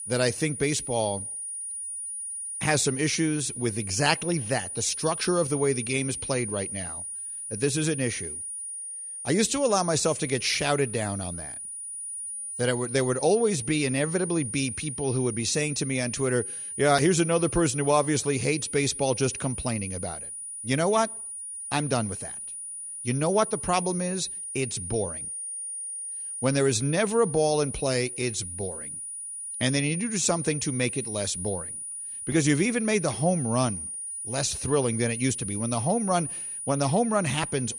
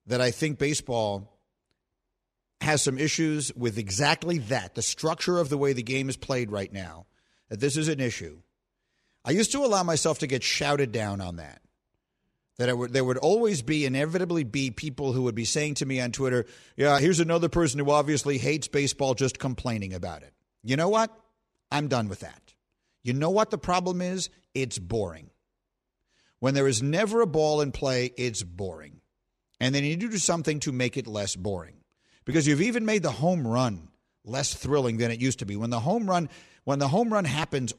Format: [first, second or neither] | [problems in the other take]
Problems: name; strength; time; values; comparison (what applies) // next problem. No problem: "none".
second | high-pitched whine; loud; throughout; 9.5 kHz, 6 dB below the speech